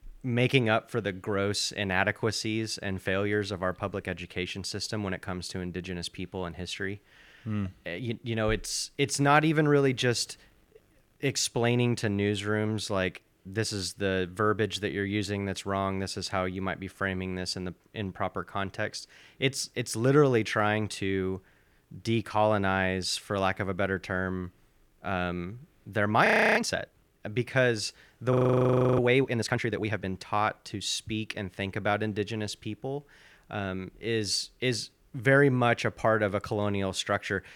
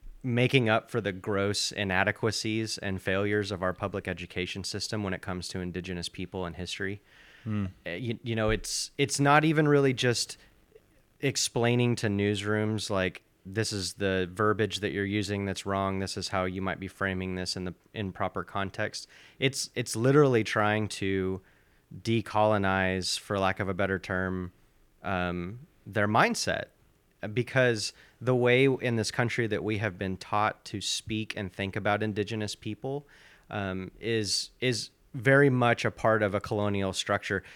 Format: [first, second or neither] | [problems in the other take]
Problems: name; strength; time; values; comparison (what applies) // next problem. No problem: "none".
second | audio freezing; at 26 s and at 28 s for 0.5 s